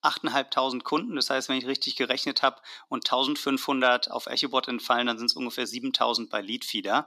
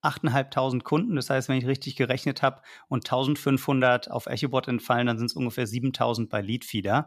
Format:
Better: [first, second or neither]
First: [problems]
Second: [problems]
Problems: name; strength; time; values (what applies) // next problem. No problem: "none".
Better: second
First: thin; very slightly; fading below 250 Hz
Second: none